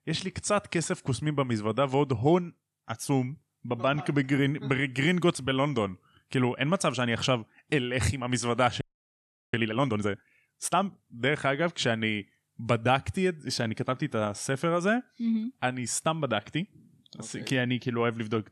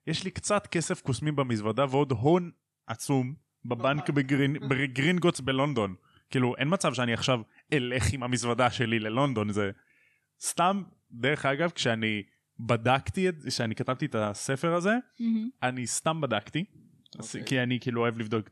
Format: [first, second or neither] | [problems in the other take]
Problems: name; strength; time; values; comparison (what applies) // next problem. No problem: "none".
second | audio freezing; at 9 s for 0.5 s